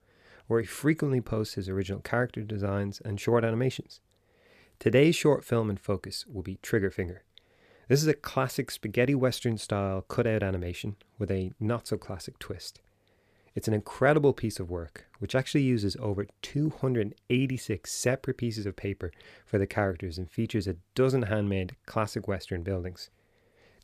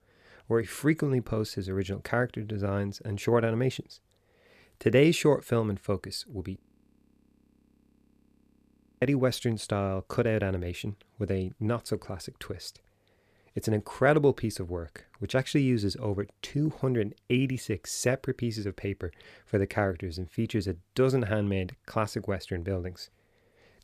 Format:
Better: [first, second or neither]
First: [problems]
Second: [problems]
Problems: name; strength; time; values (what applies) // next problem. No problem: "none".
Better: first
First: none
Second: audio freezing; at 6.5 s for 2.5 s